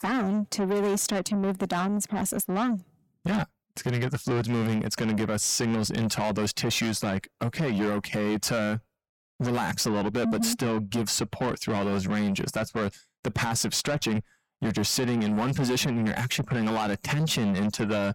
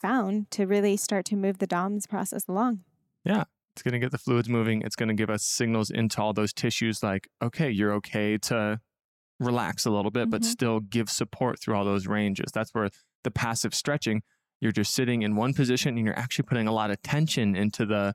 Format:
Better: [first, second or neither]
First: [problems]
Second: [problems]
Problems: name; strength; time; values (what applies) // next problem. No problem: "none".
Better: second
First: distortion; heavy; 7 dB below the speech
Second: none